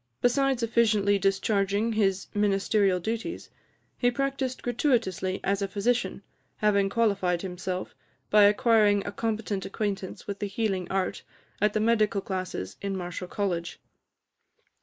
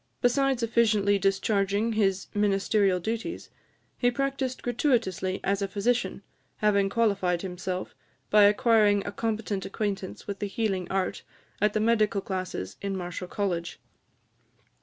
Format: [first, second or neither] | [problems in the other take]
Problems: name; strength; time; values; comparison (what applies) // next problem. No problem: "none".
second | noise reduction (neural mask model Resemble Enhance denoiser)